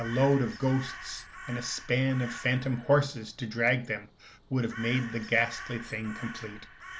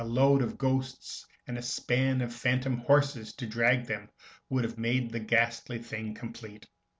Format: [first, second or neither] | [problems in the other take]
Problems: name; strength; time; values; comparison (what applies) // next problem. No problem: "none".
second | background sound (Crow); 14 dB below the speech